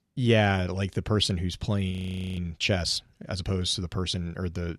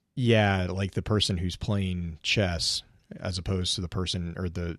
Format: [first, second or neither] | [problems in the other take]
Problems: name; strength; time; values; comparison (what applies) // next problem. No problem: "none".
second | audio freezing; at 2 s